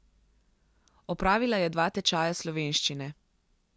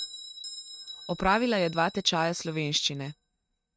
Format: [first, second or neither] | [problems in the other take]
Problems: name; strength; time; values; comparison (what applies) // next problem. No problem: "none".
first | noise reduction (neural mask model RNNoise)